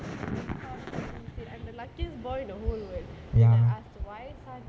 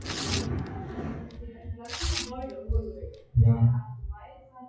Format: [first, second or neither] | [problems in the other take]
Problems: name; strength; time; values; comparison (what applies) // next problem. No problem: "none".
first | noise reduction (classical method WPE with log-MMSE)